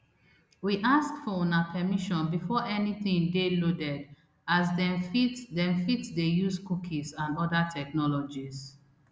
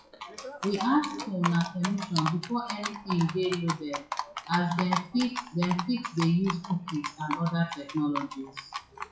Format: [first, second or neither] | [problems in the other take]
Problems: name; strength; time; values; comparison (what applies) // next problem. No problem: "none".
first | noise reduction (classical method WPE with log-MMSE)